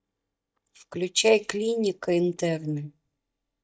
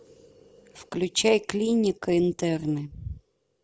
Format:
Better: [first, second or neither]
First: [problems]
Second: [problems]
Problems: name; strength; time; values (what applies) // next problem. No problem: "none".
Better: second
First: noise reduction (neural mask model DeepFilterNet 3)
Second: none